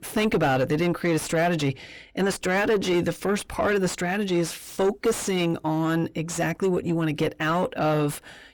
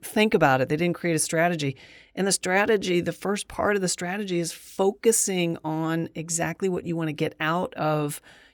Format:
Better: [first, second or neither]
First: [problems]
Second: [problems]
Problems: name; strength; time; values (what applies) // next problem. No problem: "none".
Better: second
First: distortion; heavy; 6 dB below the speech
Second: none